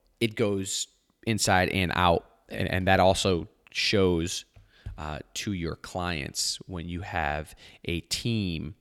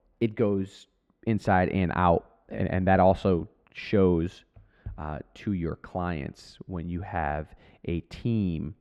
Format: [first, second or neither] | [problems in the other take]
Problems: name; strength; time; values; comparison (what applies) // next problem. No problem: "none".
first | muffled; very; fading above 3 kHz